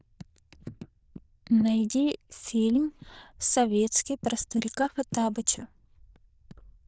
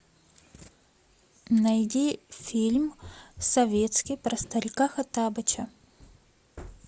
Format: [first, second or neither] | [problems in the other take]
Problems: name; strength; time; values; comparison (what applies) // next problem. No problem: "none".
second | noise reduction (neural diffusion model UNIVERSE++)